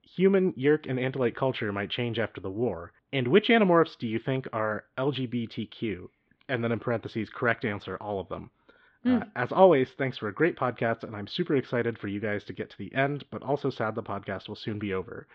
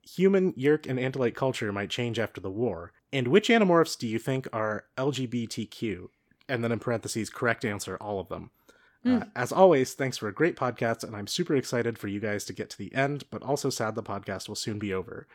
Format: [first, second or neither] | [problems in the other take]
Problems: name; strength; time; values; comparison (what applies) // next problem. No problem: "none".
second | muffled; very; fading above 3.5 kHz